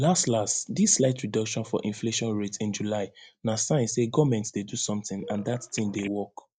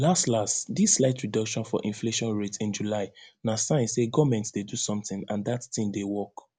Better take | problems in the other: second | noise reduction (neural mask model DeepFilterNet 3)

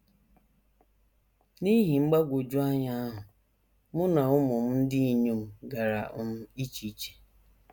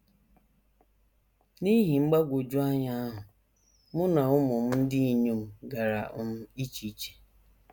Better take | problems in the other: first | background sound (Fireworks); 20 dB below the speech

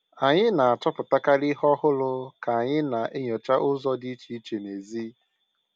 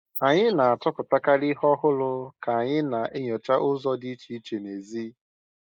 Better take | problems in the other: first | noise reduction (neural mask model Resemble Enhance denoiser)

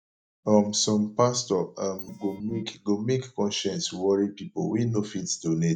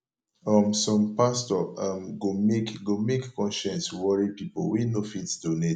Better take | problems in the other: second | noise reduction (neural mask model DeepFilterNet 3)

